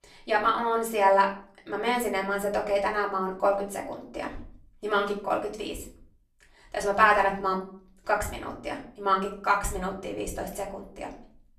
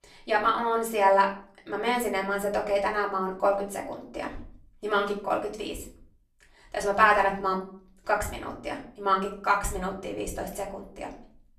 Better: neither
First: off-mic speech; far // room echo; very slight; dies away in 0.4 s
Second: off-mic speech; far // room echo; very slight; dies away in 0.4 s

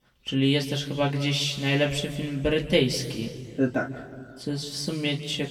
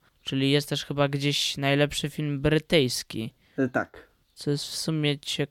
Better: second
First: room echo; slight; dies away in 1.7 s // off-mic speech; somewhat distant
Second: none

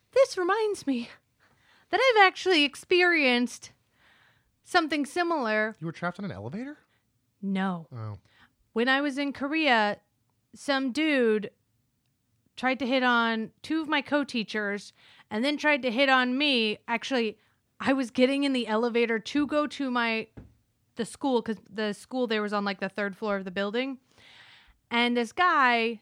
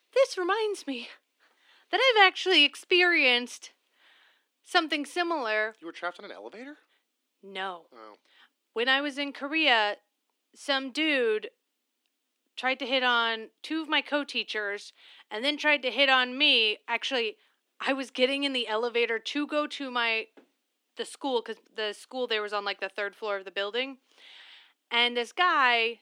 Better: first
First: none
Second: thin; very slightly; fading below 300 Hz

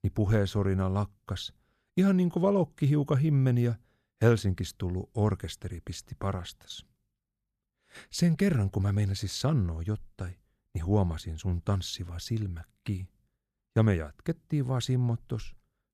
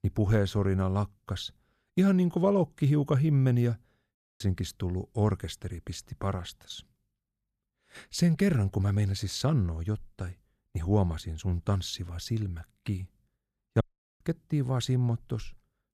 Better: first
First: none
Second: audio cutting out; at 4 s and at 14 s

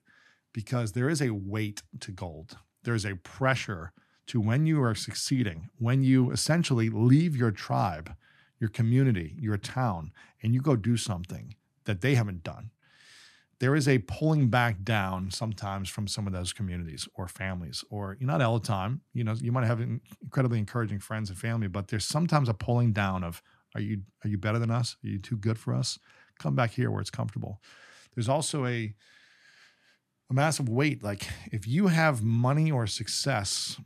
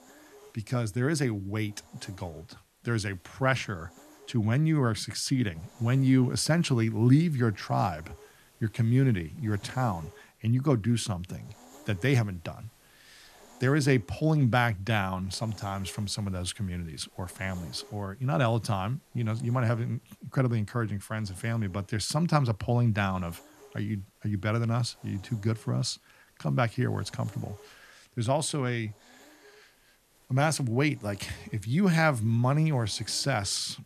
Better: first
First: none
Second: hiss; faint; throughout; 25 dB below the speech

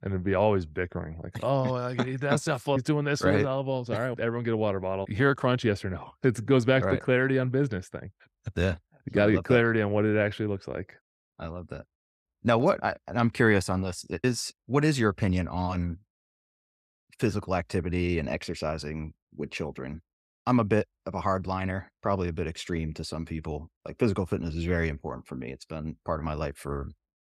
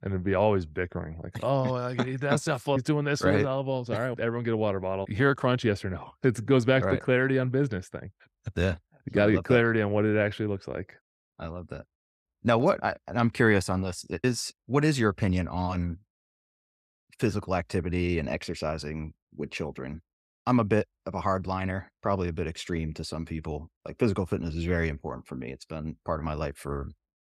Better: neither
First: none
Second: none

